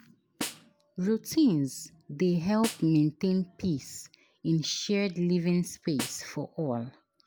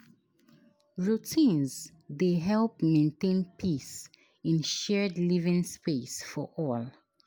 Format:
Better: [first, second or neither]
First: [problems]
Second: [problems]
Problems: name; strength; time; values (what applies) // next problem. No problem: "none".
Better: second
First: background sound (Snare drum); 13 dB below the speech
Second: none